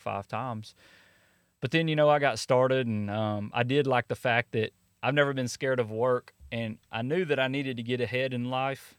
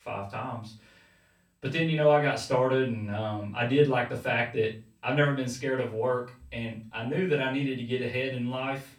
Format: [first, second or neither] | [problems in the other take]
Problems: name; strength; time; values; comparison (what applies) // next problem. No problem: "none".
first | off-mic speech; far // room echo; slight; dies away in 0.3 s